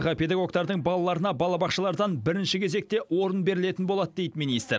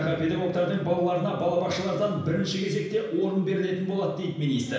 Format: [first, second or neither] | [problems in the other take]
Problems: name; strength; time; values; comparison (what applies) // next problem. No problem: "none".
first | room echo; dies away in 0.9 s